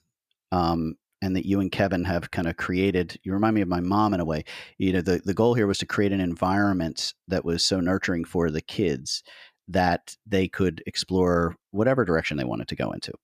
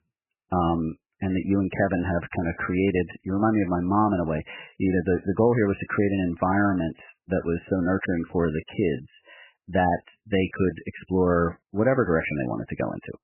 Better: first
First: none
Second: garbled, watery; badly; nothing above 3 kHz

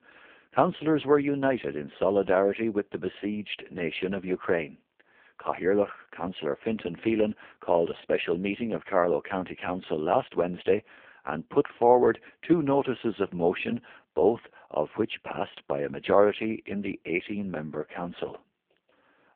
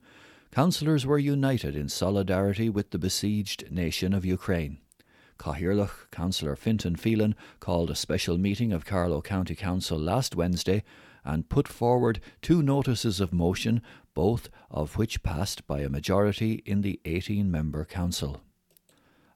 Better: second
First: phone-call audio; poor line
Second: none

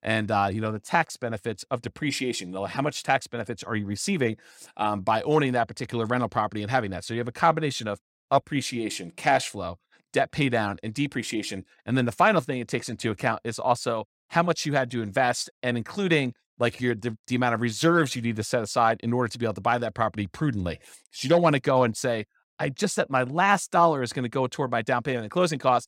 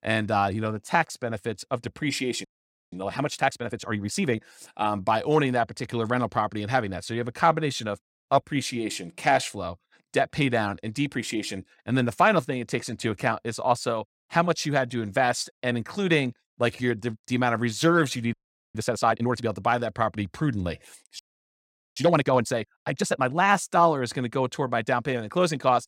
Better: first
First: none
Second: audio freezing; at 2.5 s, at 18 s and at 21 s for 1 s

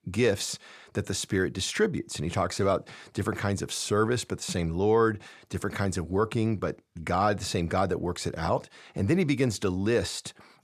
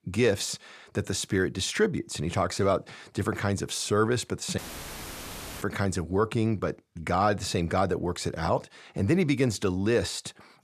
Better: first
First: none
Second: audio cutting out; filled with static; at 4.5 s for 1 s

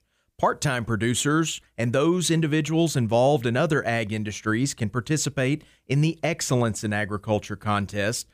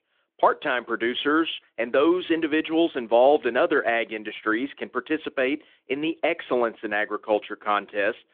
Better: first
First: none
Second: phone-call audio; nothing above 3.5 kHz

